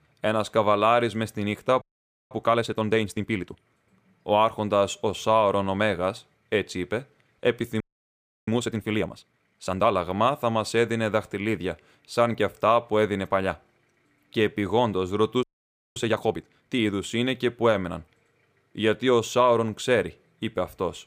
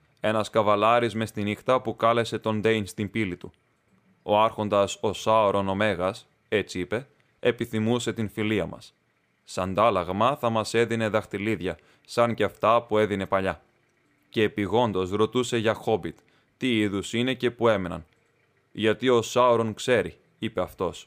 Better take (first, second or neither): second